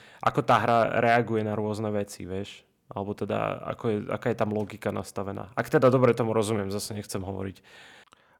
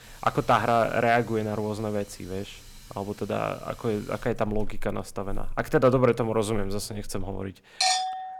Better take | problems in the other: first | household noises; loud; throughout; 3 dB below the speech

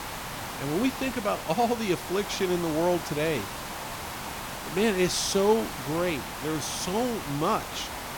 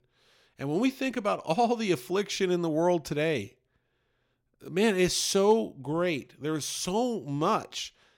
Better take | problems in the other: second | hiss; loud; throughout; 7 dB below the speech

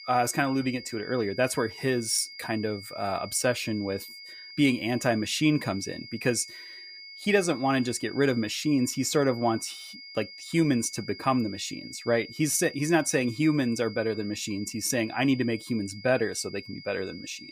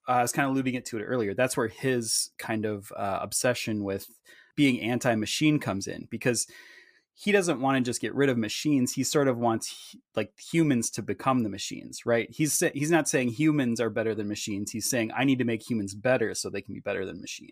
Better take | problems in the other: second | high-pitched whine; noticeable; throughout; 5 kHz, 15 dB below the speech

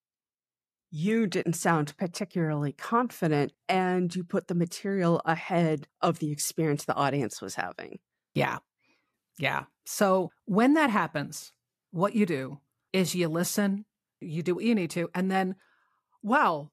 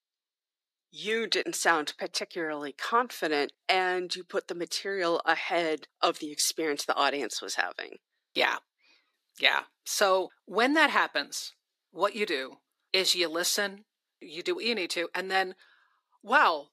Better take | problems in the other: first | thin; somewhat; fading below 300 Hz

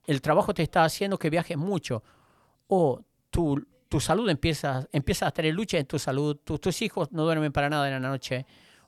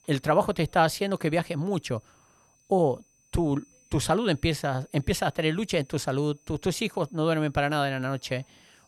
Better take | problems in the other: first | high-pitched whine; faint; throughout; 6 kHz, 35 dB below the speech

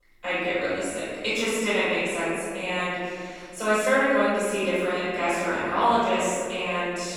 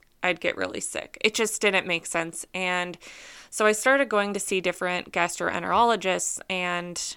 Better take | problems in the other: second | off-mic speech; far // room echo; strong; dies away in 2.5 s

